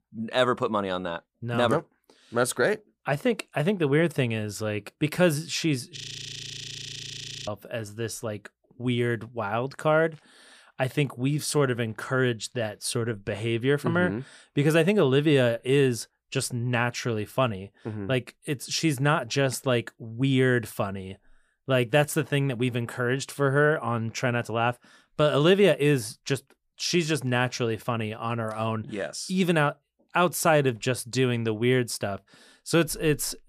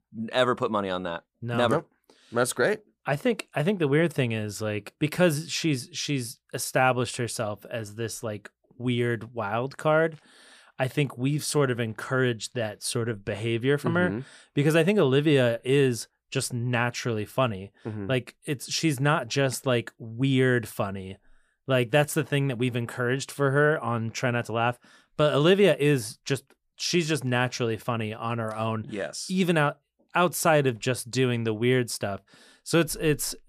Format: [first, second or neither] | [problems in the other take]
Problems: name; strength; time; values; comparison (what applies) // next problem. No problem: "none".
second | audio freezing; at 6 s for 1.5 s